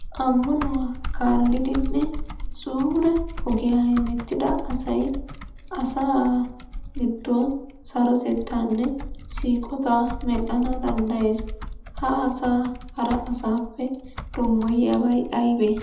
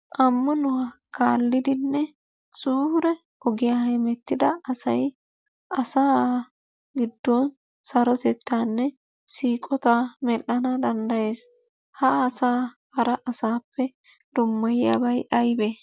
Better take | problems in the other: second | background sound (Typing); 8 dB below the speech // room echo; dies away in 0.8 s

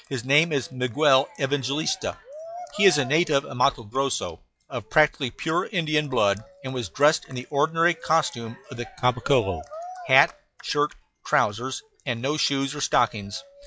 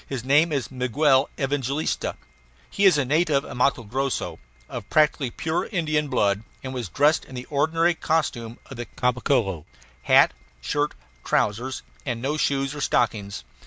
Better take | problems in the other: second | noise reduction (classical method log-MMSE)

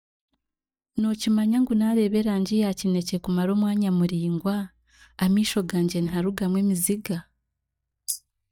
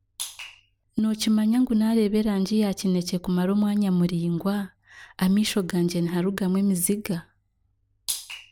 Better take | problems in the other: second | noise reduction (neural mask model DeepFilterNet 3)

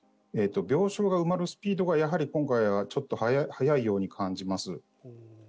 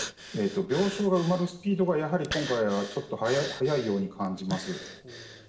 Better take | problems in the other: first | background sound (Breathing); 12 dB below the speech // room echo; dies away in 1.1 s

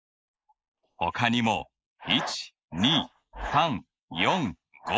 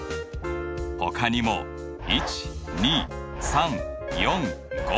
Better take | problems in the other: second | noise reduction (neural mask model Resemble Enhance denoiser)

